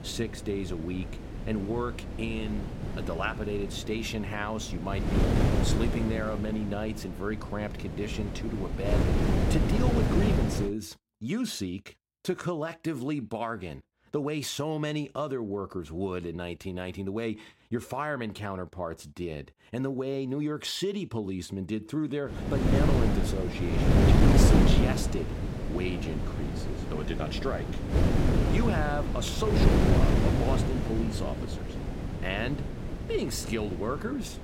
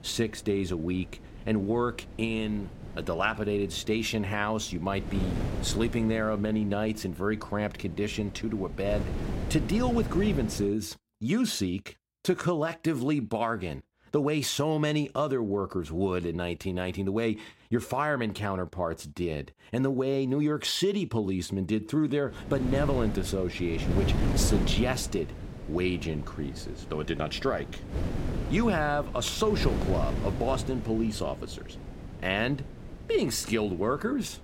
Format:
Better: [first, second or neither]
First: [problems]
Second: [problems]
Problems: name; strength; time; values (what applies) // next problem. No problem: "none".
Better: second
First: wind noise on the microphone; heavy; until 11 s and from 22 s on; 1 dB above the speech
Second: wind noise on the microphone; occasional gusts; until 11 s and from 22 s on; 10 dB below the speech